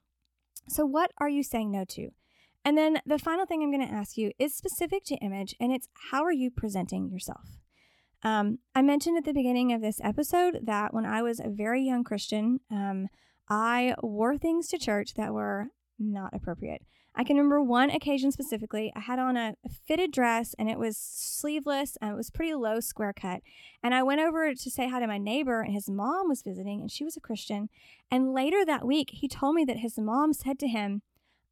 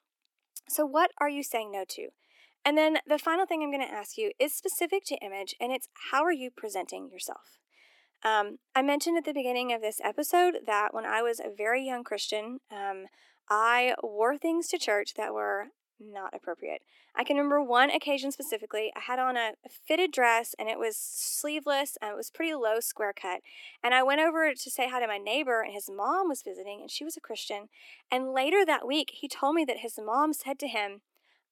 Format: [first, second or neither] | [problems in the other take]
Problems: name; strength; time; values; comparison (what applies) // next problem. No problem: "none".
first | thin; somewhat; fading below 350 Hz